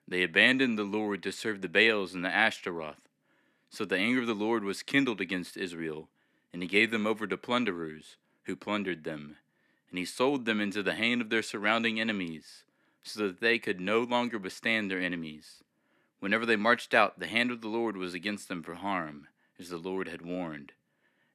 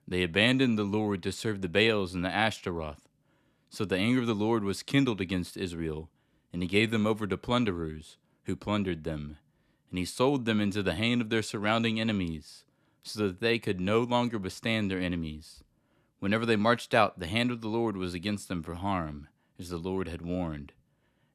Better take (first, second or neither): second